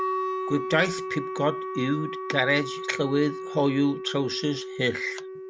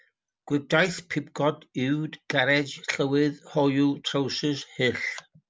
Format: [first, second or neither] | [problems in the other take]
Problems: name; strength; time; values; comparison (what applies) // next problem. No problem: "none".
second | background sound (Wind instrument, woodwind instrument); 6 dB below the speech